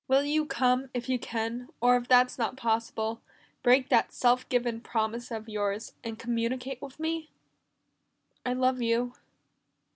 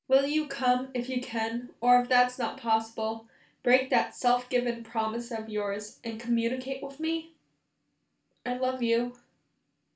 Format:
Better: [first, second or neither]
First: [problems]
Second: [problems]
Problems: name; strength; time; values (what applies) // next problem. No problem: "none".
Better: first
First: none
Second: room echo; dies away in 0.3 s